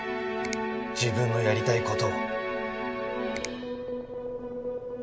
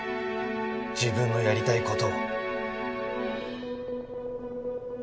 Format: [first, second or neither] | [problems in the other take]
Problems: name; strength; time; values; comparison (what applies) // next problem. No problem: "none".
second | background sound (Finger snapping); 18 dB below the speech